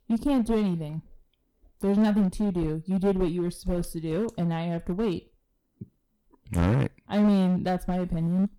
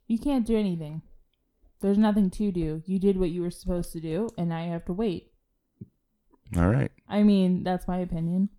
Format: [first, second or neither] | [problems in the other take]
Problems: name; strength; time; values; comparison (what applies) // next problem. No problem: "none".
second | distortion; slight; 9% of the sound clipped